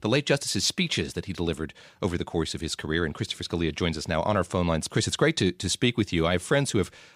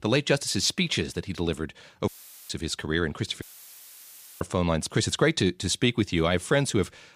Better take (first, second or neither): first